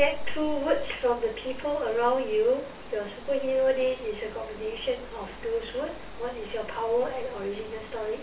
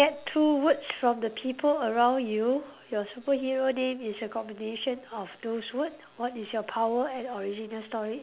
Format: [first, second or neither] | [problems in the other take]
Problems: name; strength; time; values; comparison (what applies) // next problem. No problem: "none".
second | background sound (Water); 16 dB below the speech // room echo; dies away in 0.3 s